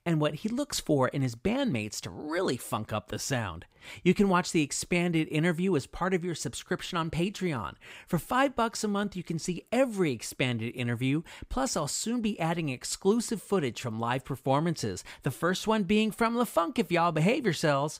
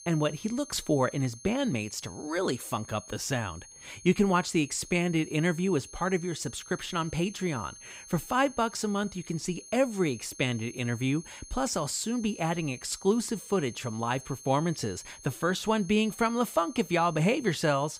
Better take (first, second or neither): first